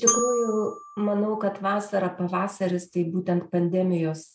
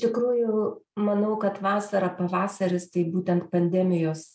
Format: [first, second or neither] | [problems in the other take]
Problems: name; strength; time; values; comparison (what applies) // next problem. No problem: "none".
second | background sound (Glockenspiel); 7 dB below the speech